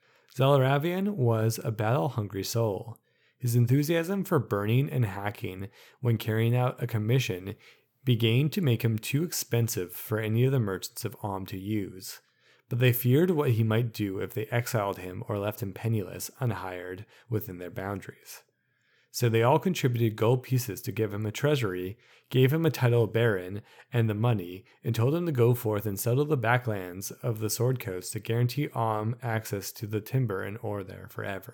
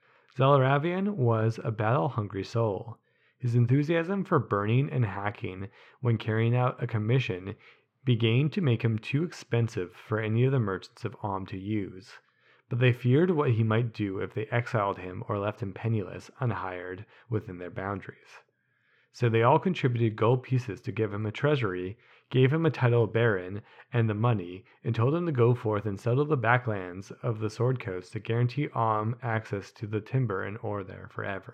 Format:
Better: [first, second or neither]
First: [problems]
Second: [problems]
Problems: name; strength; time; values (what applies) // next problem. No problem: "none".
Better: first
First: none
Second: muffled; slightly; fading above 2.5 kHz